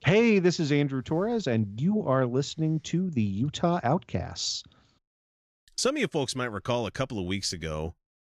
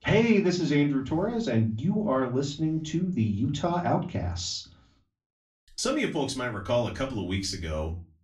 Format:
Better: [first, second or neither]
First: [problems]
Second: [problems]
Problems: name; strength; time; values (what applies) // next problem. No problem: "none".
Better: first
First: none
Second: off-mic speech; far // room echo; very slight; dies away in 0.3 s